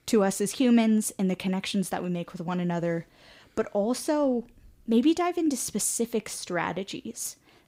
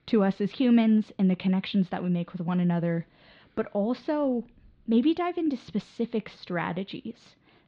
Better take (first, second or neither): first